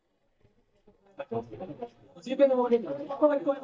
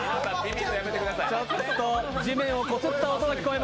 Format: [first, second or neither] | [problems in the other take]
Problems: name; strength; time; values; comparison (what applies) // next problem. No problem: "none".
second | noise reduction (neural mask model DeepFilterNet 3)